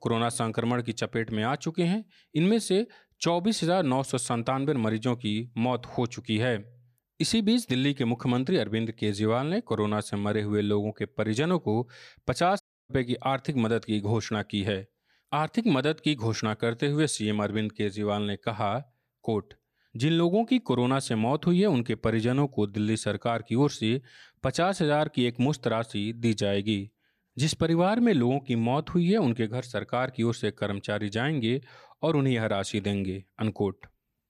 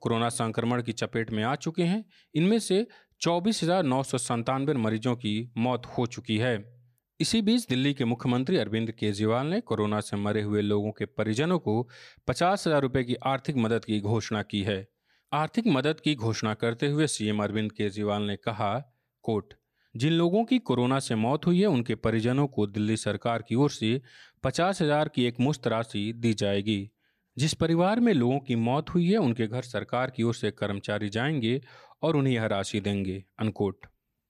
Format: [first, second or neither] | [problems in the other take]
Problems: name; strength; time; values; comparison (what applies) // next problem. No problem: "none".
second | audio cutting out; at 13 s